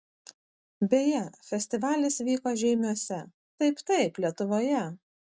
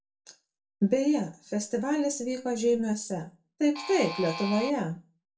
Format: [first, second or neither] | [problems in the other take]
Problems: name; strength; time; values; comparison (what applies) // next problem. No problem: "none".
first | background sound (Alarm); 8 dB below the speech // room echo; dies away in 0.3 s